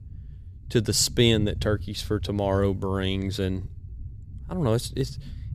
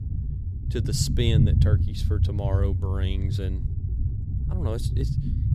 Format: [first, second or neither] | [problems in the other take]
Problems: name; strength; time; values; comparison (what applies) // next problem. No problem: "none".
first | low rumble; loud; throughout; 4 dB below the speech; faint in the first